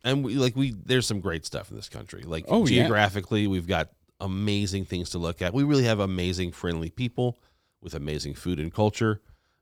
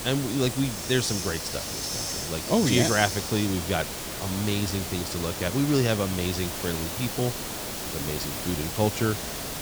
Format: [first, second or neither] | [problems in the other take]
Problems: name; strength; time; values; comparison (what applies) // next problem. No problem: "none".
first | hiss; loud; throughout; 3 dB below the speech